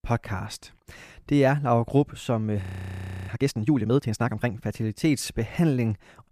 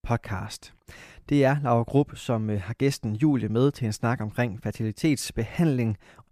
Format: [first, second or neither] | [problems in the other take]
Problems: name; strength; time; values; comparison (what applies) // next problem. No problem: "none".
second | audio freezing; at 2.5 s for 0.5 s